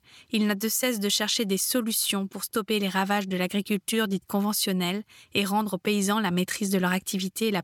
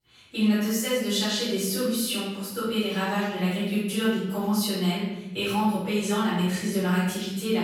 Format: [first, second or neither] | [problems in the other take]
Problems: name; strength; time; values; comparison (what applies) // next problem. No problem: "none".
first | off-mic speech; far // room echo; strong; dies away in 1.3 s